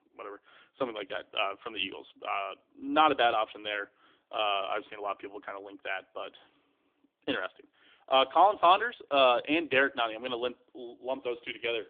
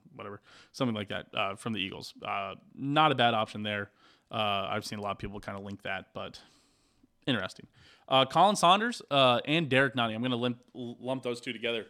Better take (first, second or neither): second